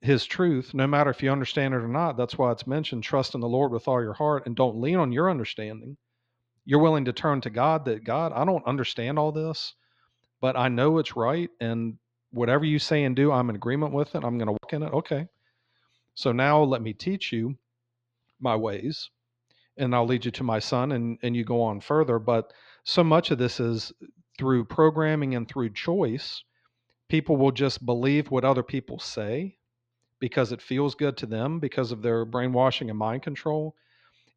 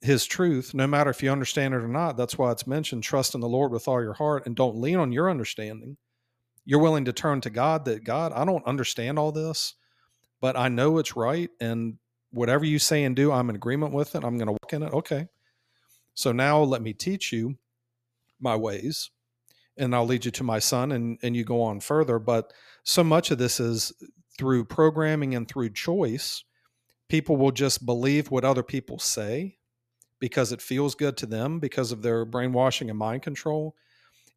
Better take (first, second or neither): second